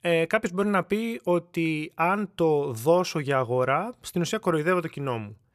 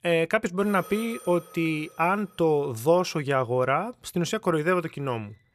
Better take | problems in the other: first | alarms or sirens; faint; throughout; 20 dB below the speech

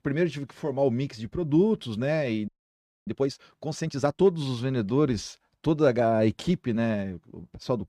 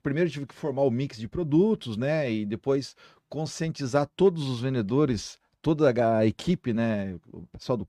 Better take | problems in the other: second | audio freezing; at 2.5 s for 0.5 s

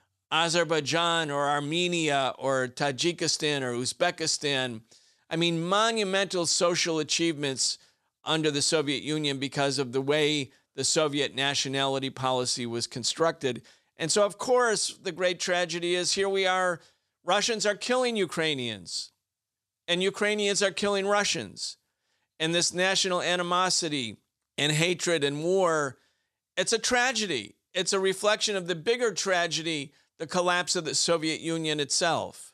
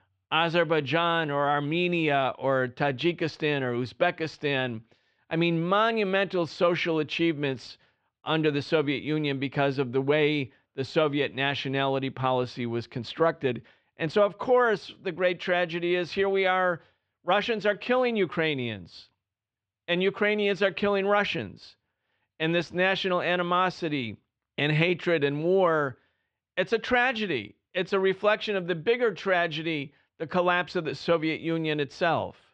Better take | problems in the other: first | muffled; very; fading above 3 kHz

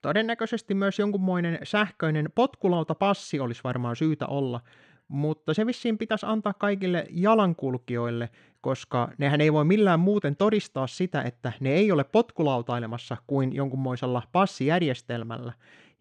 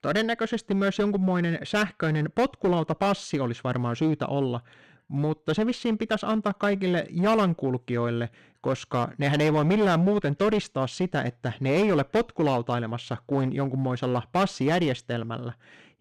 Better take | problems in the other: first | distortion; slight; 9% of the sound clipped

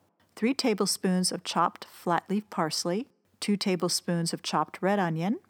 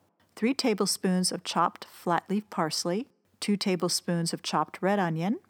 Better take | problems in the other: neither | none

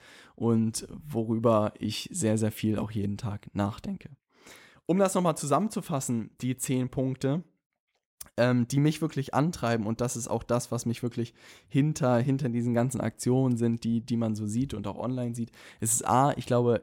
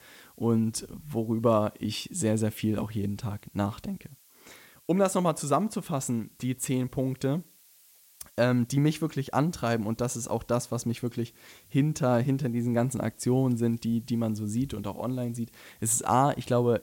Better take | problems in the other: first | hiss; faint; throughout; 25 dB below the speech

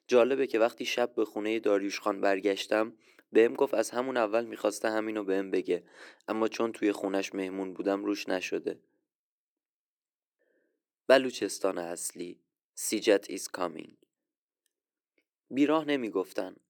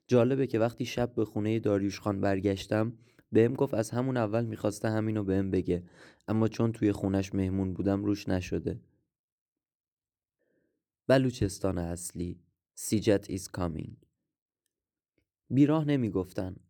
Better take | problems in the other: second | thin; somewhat; fading below 350 Hz

